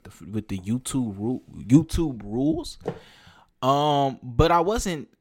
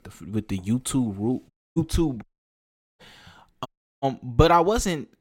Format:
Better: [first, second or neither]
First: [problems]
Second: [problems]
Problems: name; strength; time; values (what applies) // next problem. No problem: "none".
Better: first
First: none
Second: audio cutting out; at 1.5 s, at 2 s for 1 s and at 3.5 s